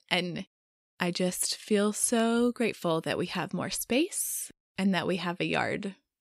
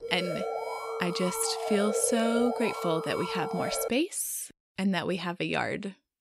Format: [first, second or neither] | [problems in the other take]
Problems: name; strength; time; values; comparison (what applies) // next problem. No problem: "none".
first | alarm; noticeable; until 4 s; peak 1 dB below the speech